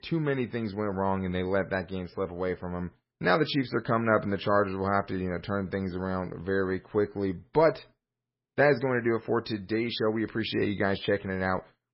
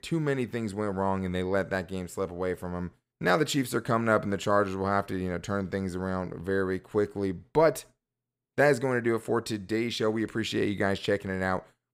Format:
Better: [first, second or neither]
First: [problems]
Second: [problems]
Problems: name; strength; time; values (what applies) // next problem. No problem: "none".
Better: second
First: garbled, watery; badly; nothing above 5.5 kHz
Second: none